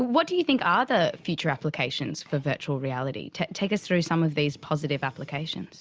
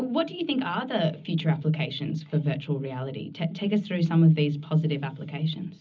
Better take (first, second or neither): first